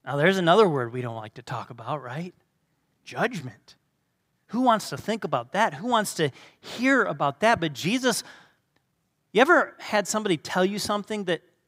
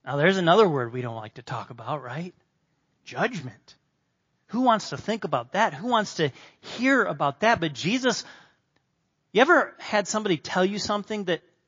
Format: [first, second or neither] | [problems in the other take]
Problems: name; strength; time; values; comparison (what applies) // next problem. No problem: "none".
first | garbled, watery; slightly